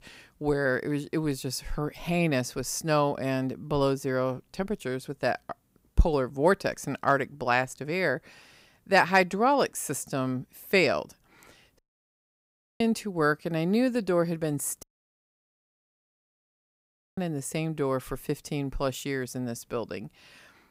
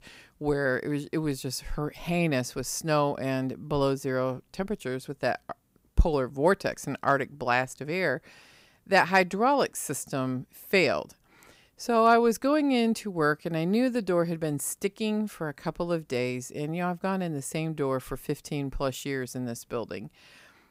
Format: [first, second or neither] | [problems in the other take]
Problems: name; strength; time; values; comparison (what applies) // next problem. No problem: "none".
second | audio cutting out; at 12 s for 1 s and at 15 s for 2.5 s